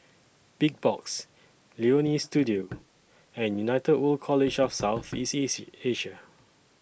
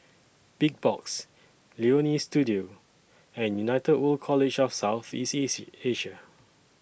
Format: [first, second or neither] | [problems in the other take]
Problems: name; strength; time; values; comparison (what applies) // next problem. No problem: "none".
second | noise reduction (neural mask model Resemble Enhance denoiser)